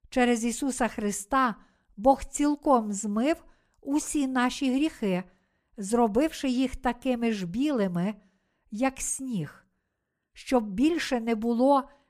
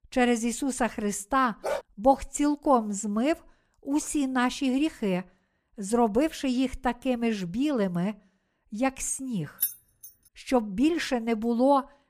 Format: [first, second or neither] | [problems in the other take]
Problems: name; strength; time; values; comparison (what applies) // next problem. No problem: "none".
first | dog barking; noticeable; at 1.5 s; peak 6 dB below the speech // jangling keys; noticeable; at 9.5 s; peak 2 dB below the speech